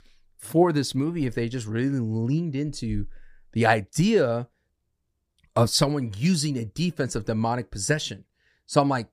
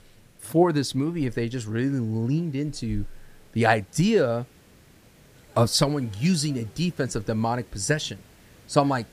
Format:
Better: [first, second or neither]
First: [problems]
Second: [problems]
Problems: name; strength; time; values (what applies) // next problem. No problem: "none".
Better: first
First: none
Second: hiss; faint; throughout; 30 dB below the speech